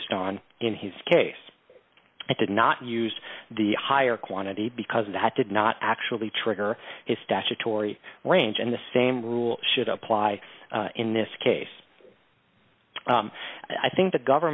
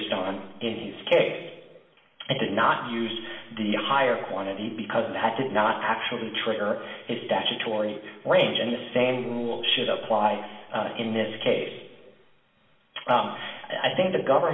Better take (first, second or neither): first